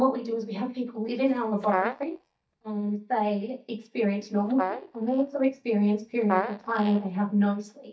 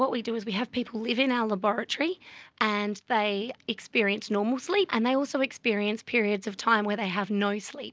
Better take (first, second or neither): second